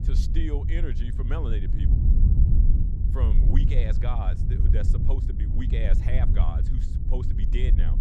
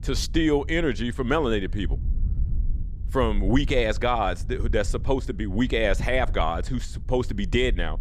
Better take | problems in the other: second | low rumble; loud; throughout; 3 dB below the speech; faint in the second

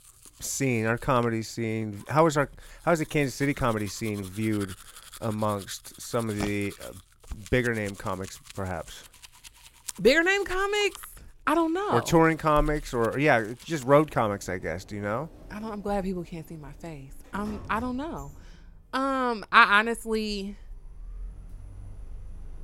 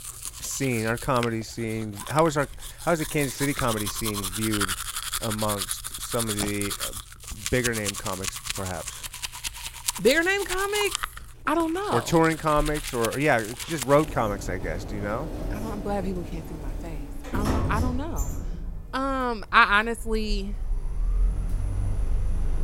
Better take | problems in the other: first | household noises; loud; throughout; 6 dB below the speech; faint in the first

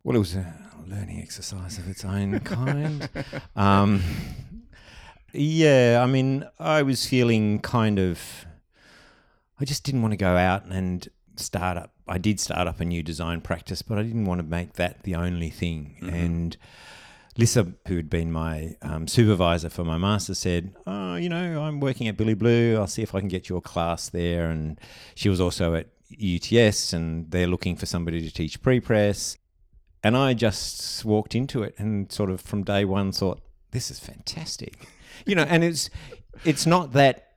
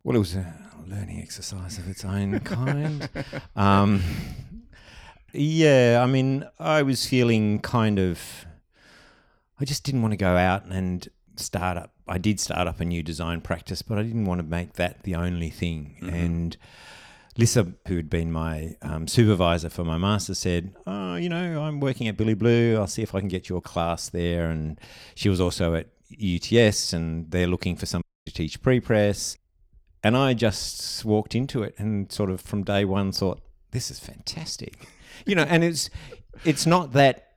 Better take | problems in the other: first | audio cutting out; at 28 s

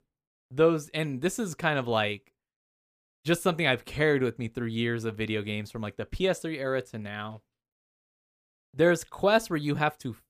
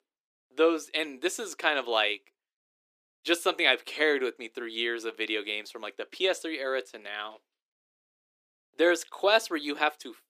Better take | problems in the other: first | thin; somewhat; fading below 300 Hz

